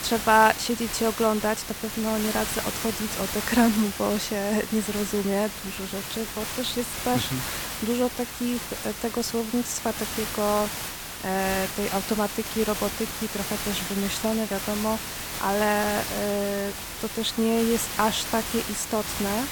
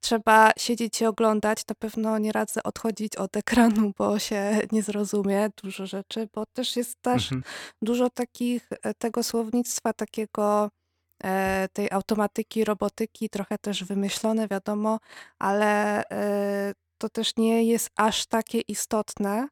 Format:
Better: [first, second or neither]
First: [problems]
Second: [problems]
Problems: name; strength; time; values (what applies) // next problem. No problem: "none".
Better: second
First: hiss; loud; throughout; 5 dB below the speech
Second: none